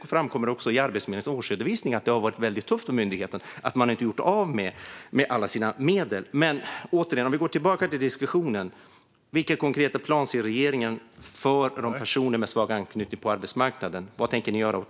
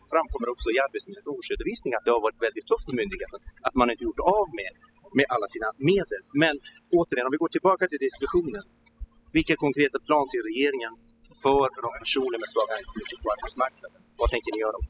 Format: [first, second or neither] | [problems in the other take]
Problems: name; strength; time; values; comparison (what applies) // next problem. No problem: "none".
first | noise reduction (classical method spectral subtraction)